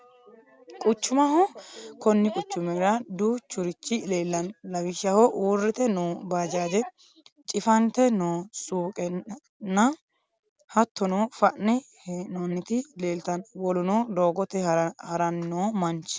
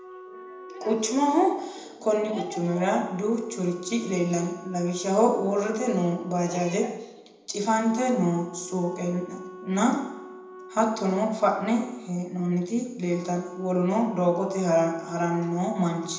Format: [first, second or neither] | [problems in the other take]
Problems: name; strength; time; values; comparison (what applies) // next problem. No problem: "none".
first | background sound (Wind instrument, woodwind instrument); 17 dB below the speech // room echo; dies away in 0.8 s